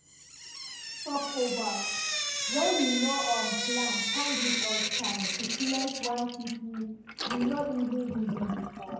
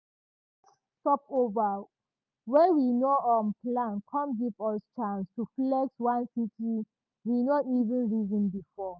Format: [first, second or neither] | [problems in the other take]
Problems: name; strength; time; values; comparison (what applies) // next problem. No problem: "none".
second | background sound (Drip / Sink (filling or washing)); 1 dB below the speech // room echo; dies away in 0.9 s